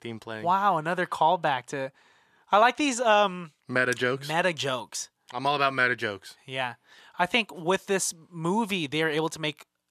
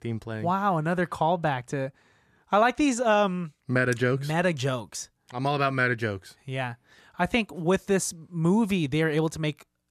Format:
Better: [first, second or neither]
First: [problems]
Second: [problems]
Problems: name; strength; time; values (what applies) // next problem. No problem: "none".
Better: second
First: thin; somewhat; fading below 450 Hz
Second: none